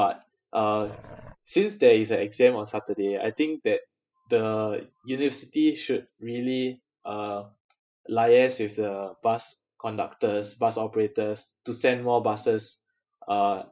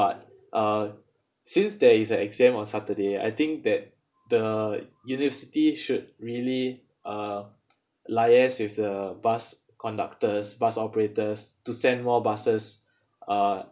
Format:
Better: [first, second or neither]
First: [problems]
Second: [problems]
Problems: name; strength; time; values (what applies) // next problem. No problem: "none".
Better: second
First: noise reduction (classical method spectral subtraction)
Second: none